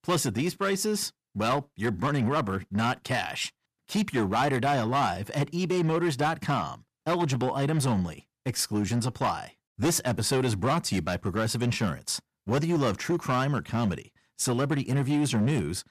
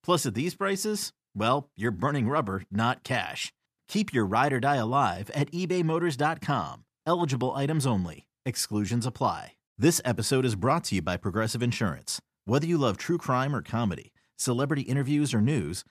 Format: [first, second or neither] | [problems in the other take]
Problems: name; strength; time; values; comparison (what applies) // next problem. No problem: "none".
second | distortion; slight; 9% of the sound clipped